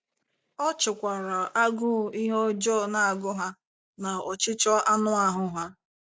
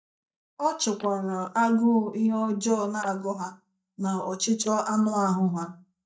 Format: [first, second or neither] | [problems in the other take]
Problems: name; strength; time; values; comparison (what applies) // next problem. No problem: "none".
first | noise reduction (neural mask model DeepFilterNet 3)